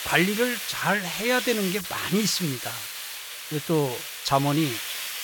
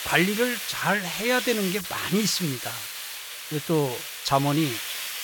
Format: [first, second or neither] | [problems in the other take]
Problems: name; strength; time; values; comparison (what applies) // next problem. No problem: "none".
neither | hiss; loud; throughout; 6 dB below the speech; the same in both